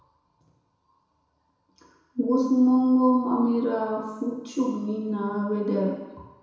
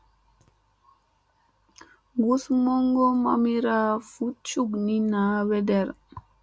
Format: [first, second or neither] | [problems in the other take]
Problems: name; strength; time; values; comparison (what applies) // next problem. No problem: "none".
second | room echo; dies away in 1 s